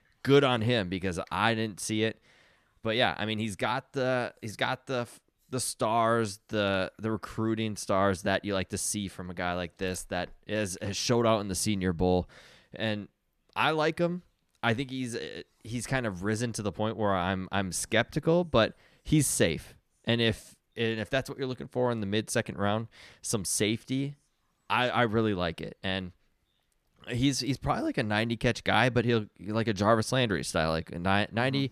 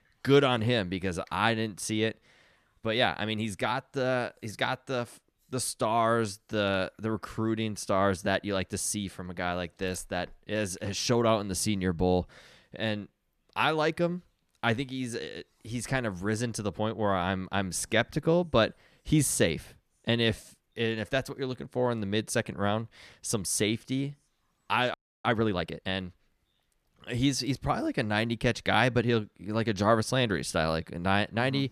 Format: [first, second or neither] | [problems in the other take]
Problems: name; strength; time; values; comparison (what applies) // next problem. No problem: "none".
first | audio freezing; at 25 s